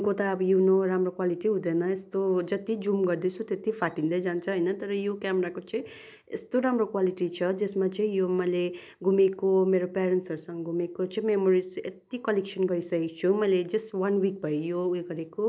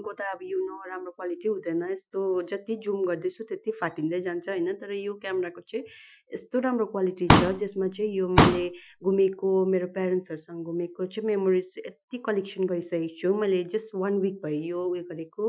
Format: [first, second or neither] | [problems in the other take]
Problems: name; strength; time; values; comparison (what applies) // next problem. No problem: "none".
first | noise reduction (classical method Wiener filter)